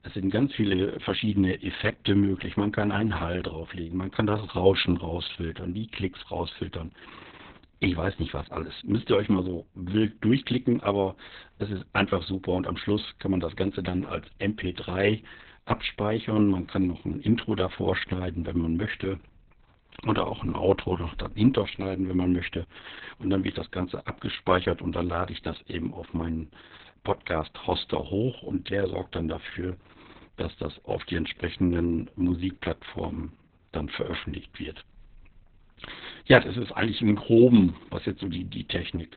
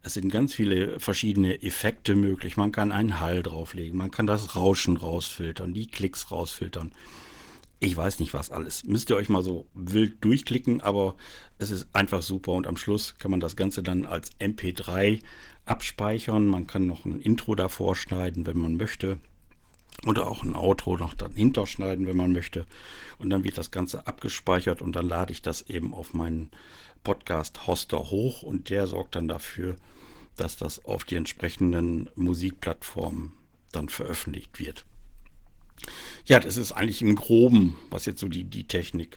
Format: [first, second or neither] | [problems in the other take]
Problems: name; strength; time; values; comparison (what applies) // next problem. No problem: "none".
second | garbled, watery; badly; nothing above 4 kHz; slightly in the second